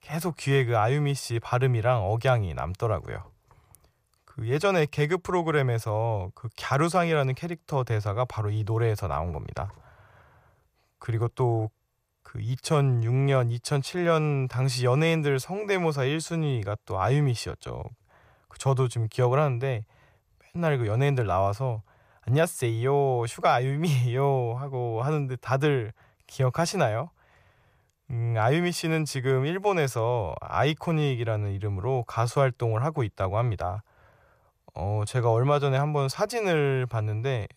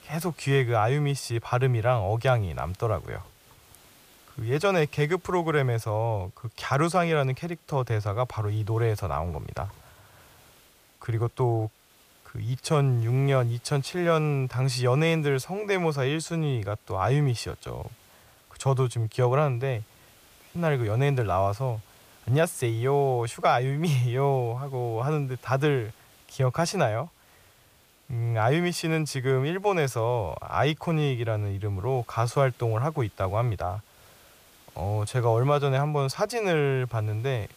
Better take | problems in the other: first | hiss; faint; throughout; 30 dB below the speech

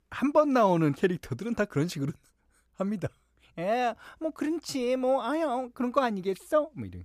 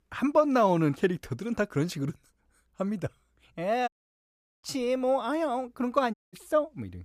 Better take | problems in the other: first | audio cutting out; at 4 s for 1 s and at 6 s

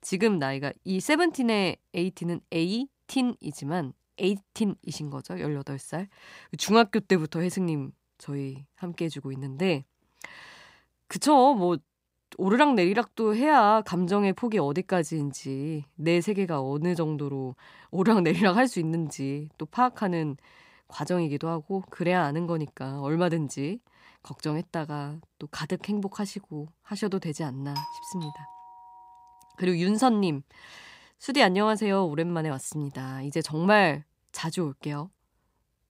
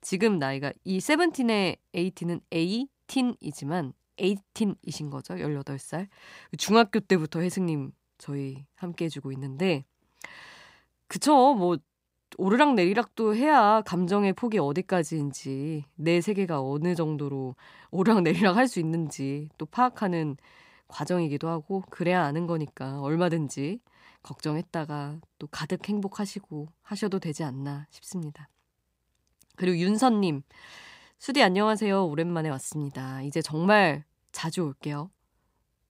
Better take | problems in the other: second | doorbell; noticeable; from 28 to 29 s; peak 9 dB below the speech

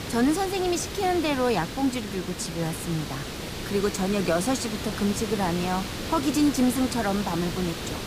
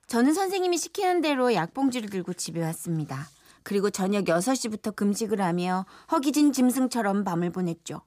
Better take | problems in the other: second | hiss; loud; throughout; 7 dB below the speech

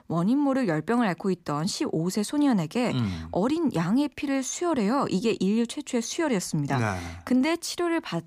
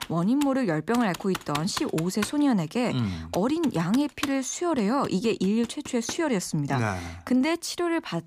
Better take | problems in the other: first | keyboard typing; noticeable; until 6 s; peak 8 dB below the speech

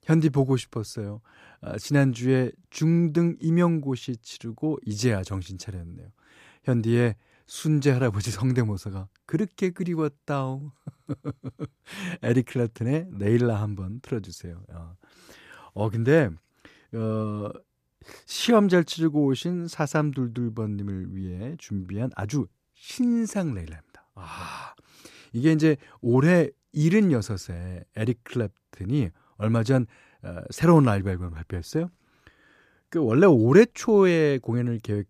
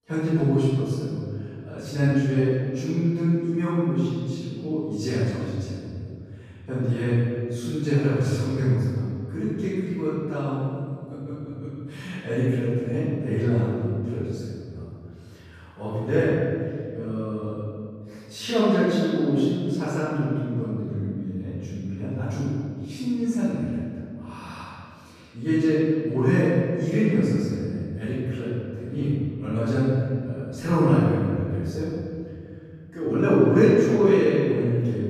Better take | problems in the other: first | off-mic speech; far // room echo; strong; dies away in 2.2 s

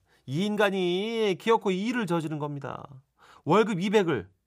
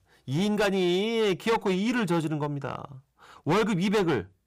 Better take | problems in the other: first | distortion; heavy; 12% of the sound clipped

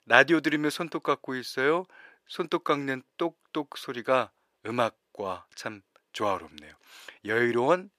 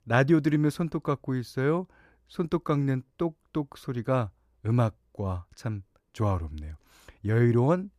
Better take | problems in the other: second | thin; very; fading below 450 Hz

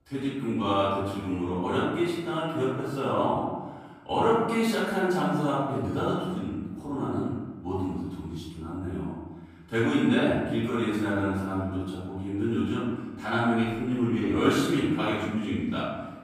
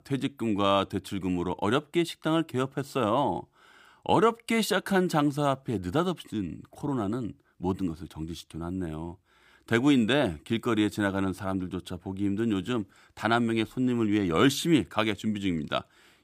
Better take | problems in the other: second | off-mic speech; far // room echo; strong; dies away in 1.2 s

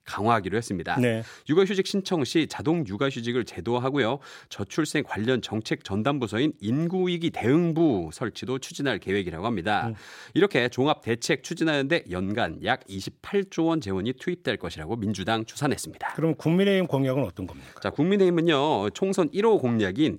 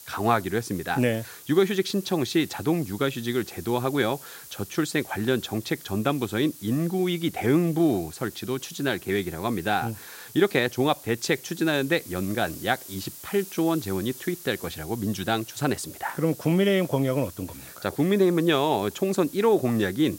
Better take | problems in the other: first | hiss; noticeable; throughout; 15 dB below the speech

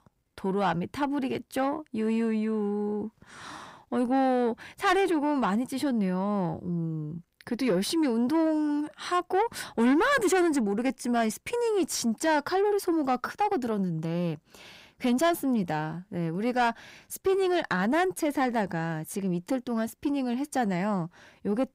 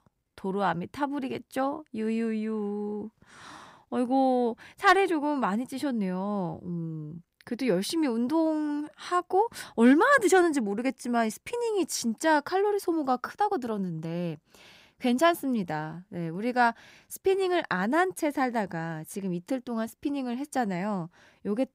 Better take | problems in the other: second | distortion; slight; 10 dB below the speech

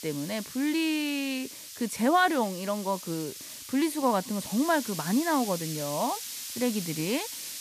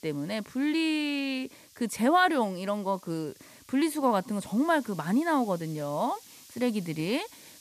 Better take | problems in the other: second | hiss; loud; throughout; 9 dB below the speech; faint in the second

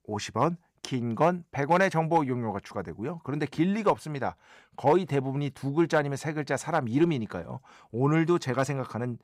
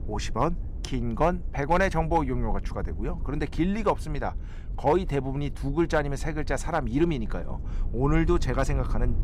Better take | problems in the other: first | low rumble; faint; throughout; 20 dB below the speech

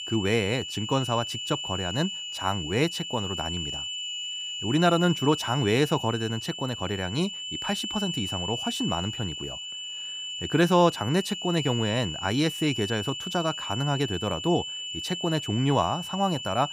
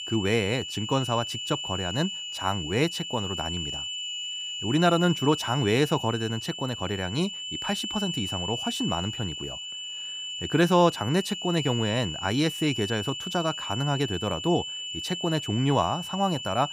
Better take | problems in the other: neither | high-pitched whine; loud; throughout; 3 kHz, 5 dB below the speech; the same in both

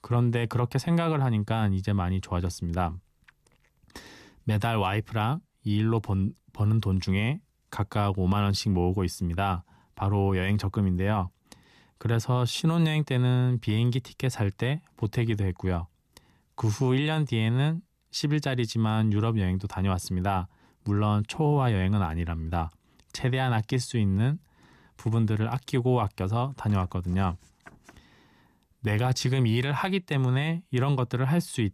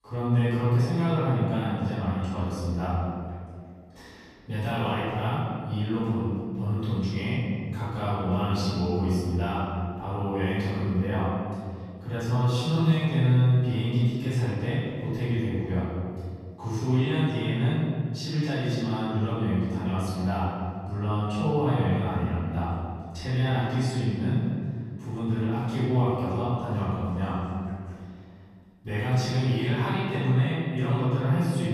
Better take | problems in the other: first | room echo; strong; dies away in 2.1 s // off-mic speech; far

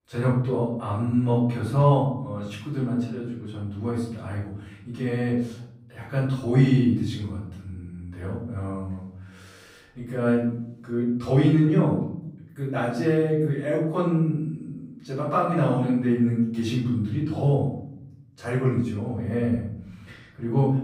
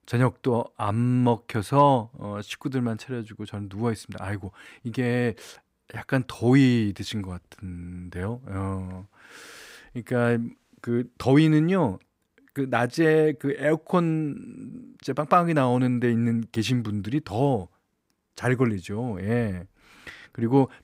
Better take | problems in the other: second | off-mic speech; far // room echo; noticeable; dies away in 1 s

